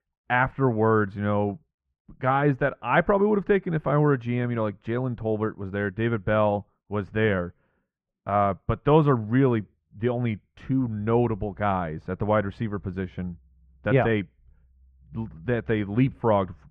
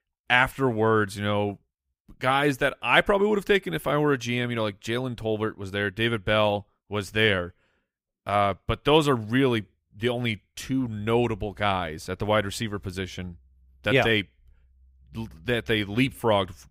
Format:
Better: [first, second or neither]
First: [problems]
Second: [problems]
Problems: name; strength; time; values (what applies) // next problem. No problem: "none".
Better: second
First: muffled; very; fading above 1 kHz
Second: none